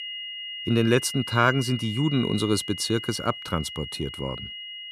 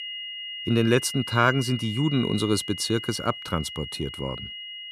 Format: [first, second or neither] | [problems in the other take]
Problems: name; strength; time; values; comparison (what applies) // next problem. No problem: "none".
neither | high-pitched whine; loud; throughout; 3 kHz, 8 dB below the speech; the same in both